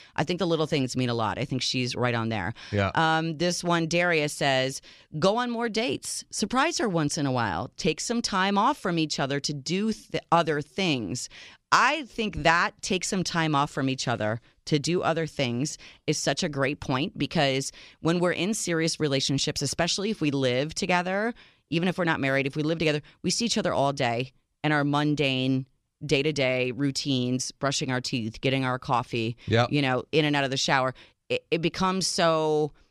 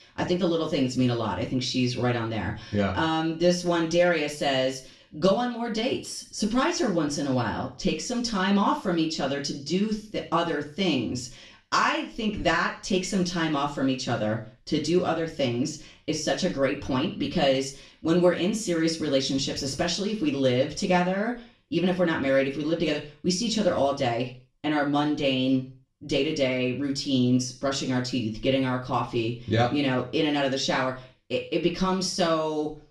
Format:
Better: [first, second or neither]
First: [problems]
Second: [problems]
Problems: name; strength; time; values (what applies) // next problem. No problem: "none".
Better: first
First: none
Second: room echo; slight; dies away in 0.4 s // off-mic speech; far